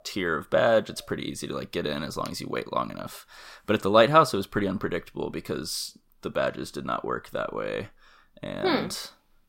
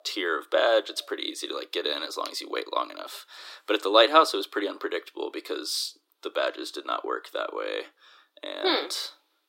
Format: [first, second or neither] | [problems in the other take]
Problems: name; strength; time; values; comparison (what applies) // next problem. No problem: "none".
first | thin; somewhat; fading below 300 Hz